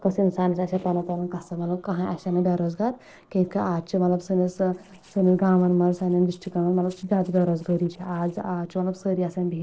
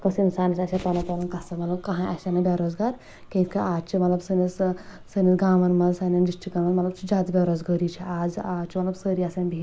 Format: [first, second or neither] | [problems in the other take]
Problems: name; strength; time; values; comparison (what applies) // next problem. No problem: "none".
second | noise reduction (neural separator model SepFormer DNS4)